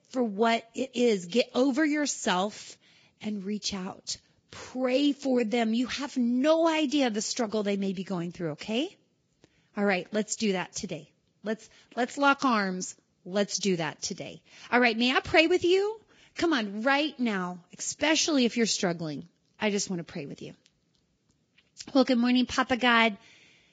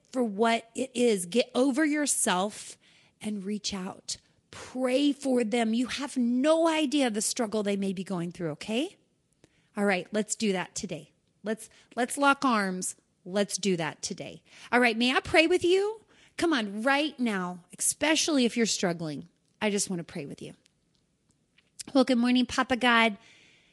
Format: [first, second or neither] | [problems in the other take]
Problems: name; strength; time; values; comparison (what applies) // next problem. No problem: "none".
second | garbled, watery; badly; nothing above 7.5 kHz; slightly in the second